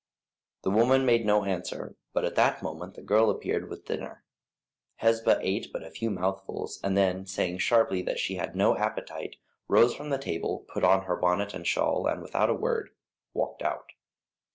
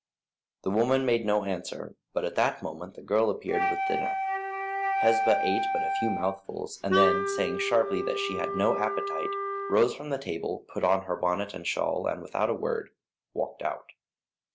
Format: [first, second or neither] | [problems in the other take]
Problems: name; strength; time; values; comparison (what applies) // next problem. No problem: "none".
first | background sound (Wind instrument, woodwind instrument + Wind instrument, woodwind instrument); as loud as the speech